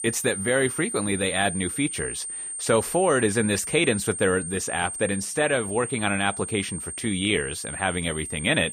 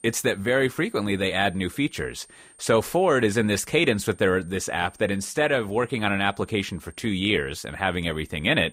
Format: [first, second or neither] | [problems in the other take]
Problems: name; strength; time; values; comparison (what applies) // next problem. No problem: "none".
second | high-pitched whine; loud; throughout; 9 kHz, 6 dB below the speech; faint in the second